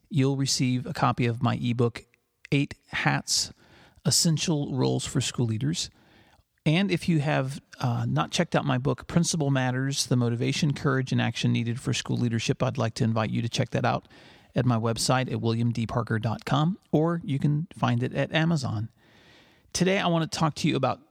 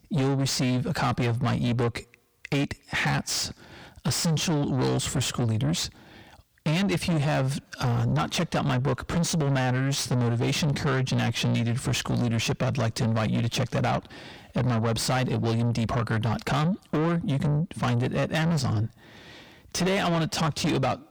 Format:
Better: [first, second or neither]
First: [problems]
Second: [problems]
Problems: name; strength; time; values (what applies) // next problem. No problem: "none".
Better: first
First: none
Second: distortion; heavy; 6 dB below the speech